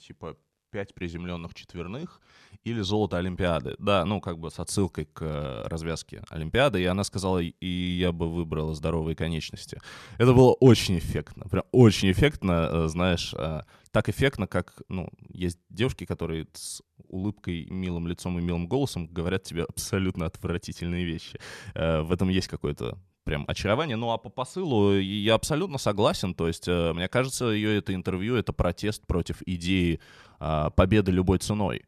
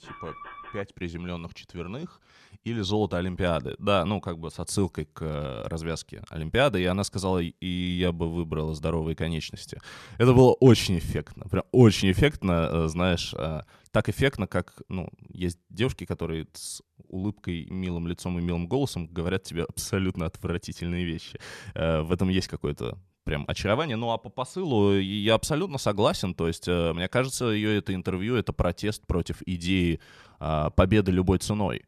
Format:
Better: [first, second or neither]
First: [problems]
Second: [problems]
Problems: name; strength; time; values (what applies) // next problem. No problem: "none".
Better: first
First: none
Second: alarm; faint; at the start; peak 15 dB below the speech